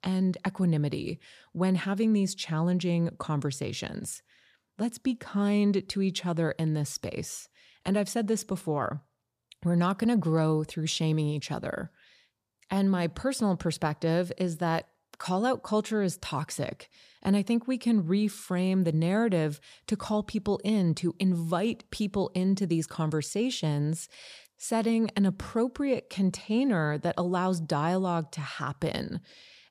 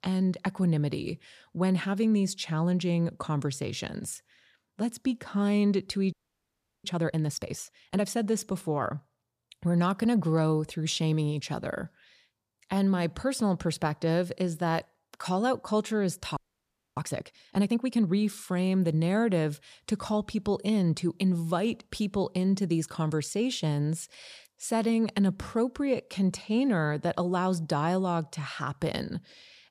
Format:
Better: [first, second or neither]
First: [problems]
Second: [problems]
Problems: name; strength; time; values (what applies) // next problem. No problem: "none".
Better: first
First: none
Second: audio freezing; at 6 s for 0.5 s and at 16 s for 0.5 s